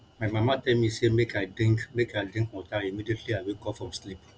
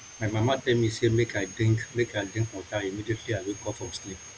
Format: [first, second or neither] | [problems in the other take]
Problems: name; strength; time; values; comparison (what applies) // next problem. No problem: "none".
first | background sound (Sawing); 18 dB below the speech